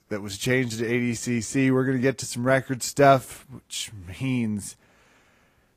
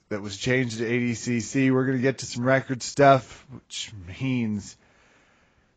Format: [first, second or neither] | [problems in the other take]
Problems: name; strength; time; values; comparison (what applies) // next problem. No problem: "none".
first | garbled, watery; badly; nothing above 7.5 kHz; slightly in the first